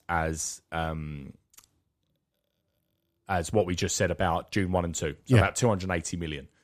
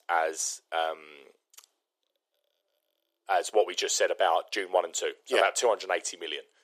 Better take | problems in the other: first | thin; very; fading below 400 Hz

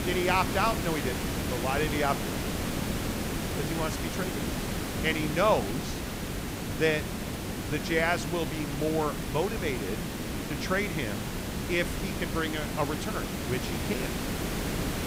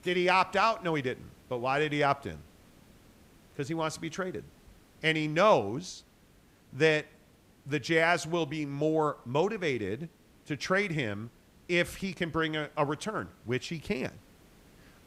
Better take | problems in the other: second | hiss; loud; throughout; 2 dB below the speech; faint in the second

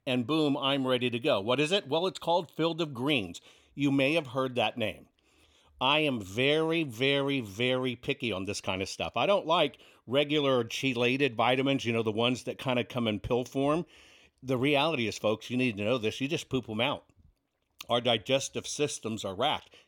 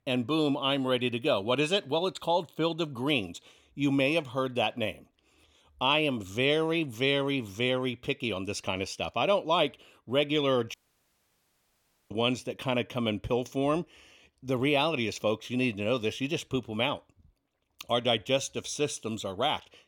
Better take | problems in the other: first | audio cutting out; at 11 s for 1.5 s

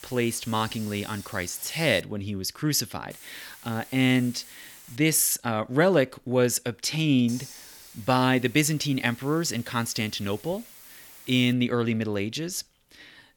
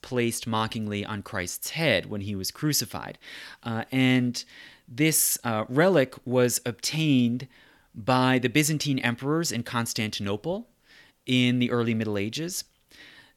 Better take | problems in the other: second | hiss; noticeable; until 2 s, from 3 to 5 s and from 7.5 to 12 s; 20 dB below the speech

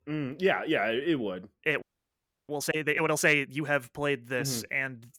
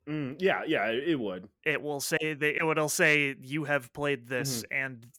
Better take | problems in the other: second | audio freezing; at 2 s for 0.5 s

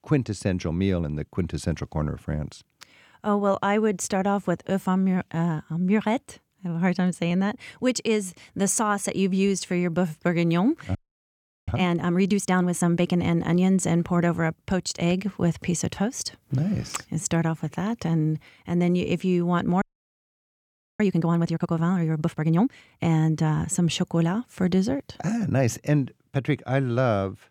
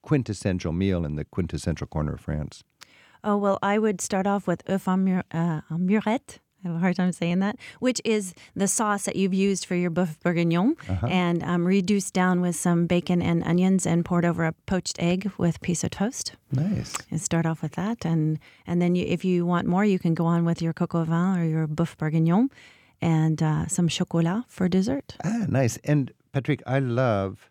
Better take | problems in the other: second | audio freezing; at 11 s for 0.5 s and at 20 s for 1 s

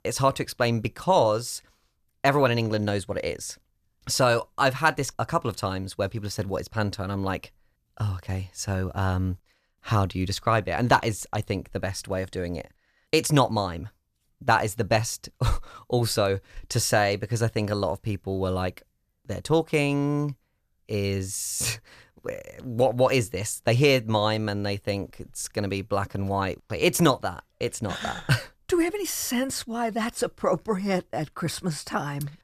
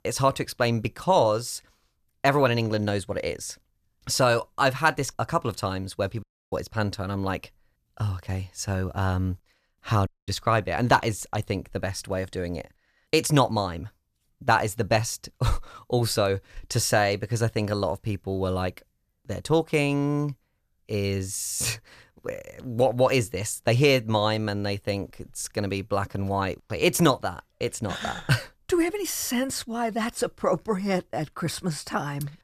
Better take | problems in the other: first | audio cutting out; at 6 s and at 10 s

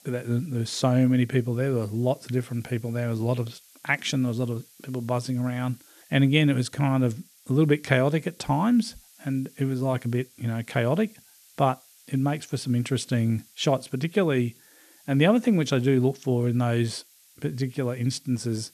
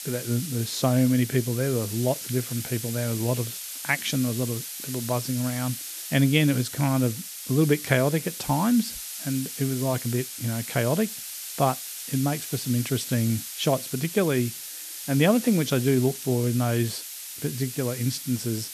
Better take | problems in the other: first | hiss; loud; throughout; 8 dB below the speech; faint in the first

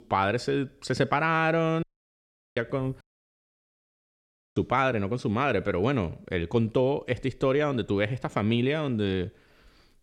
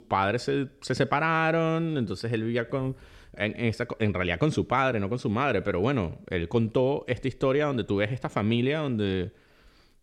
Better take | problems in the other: second | audio cutting out; at 2 s for 0.5 s and at 3 s for 1.5 s

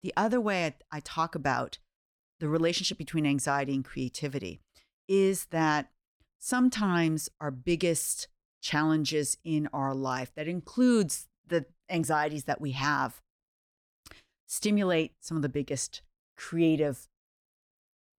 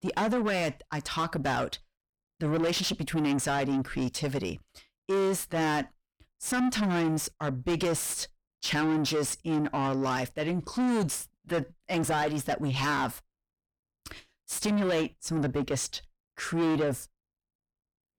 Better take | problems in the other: first | distortion; heavy; 6 dB below the speech

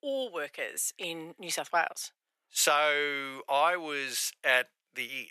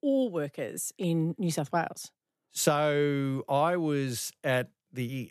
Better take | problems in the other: second | thin; very; fading below 750 Hz

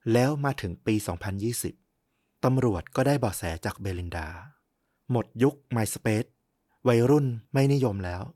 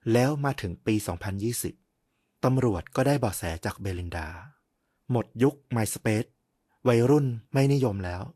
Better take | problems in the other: first | garbled, watery; slightly; nothing above 12.5 kHz

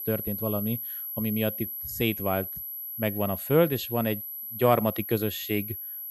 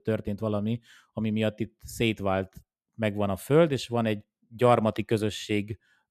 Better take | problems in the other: second | high-pitched whine; loud; throughout; 12 kHz, 5 dB below the speech

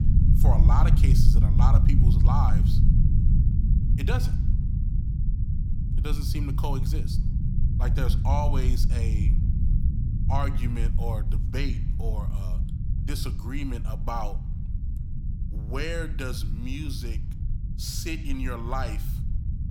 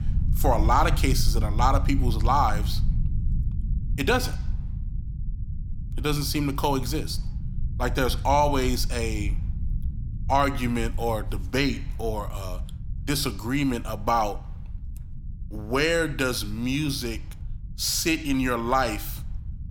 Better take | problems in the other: second | low rumble; loud; throughout; 5 dB below the speech; faint in the second

